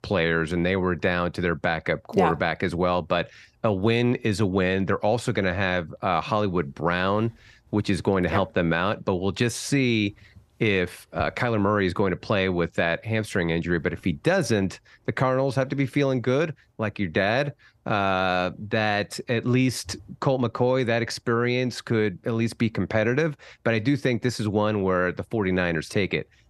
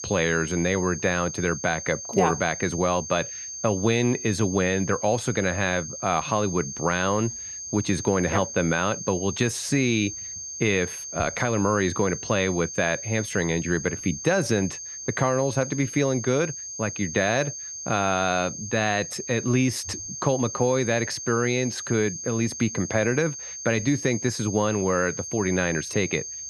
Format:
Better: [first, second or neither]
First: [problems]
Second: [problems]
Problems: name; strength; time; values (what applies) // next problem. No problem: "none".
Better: first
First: none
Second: high-pitched whine; loud; throughout; 6.5 kHz, 8 dB below the speech